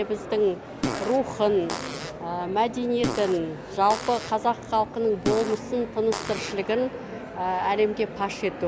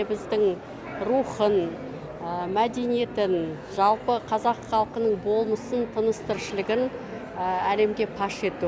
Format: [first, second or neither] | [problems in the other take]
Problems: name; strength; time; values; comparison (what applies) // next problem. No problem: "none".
second | background sound (Fart); 8 dB below the speech